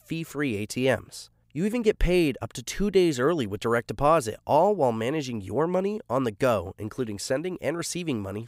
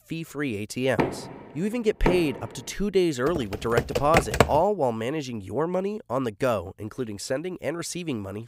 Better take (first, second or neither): first